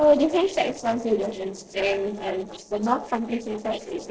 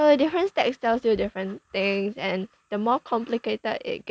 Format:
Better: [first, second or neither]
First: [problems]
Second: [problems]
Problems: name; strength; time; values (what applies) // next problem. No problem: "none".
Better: second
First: noise reduction (neural separator model SepFormer DNS4)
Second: none